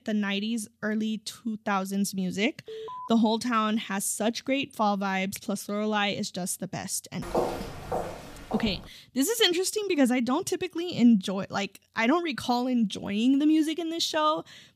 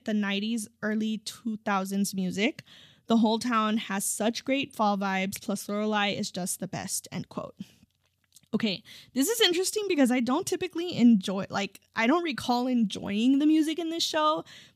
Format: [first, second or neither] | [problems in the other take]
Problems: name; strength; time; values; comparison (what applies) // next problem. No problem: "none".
second | alarm; faint; at 2.5 s; peak 10 dB below the speech // footsteps; noticeable; from 7 to 9 s; peak 3 dB below the speech